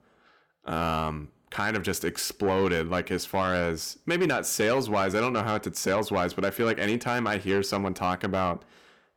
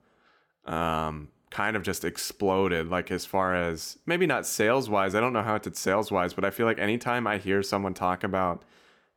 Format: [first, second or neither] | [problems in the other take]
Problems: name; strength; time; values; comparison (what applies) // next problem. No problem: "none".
second | distortion; slight; 10 dB below the speech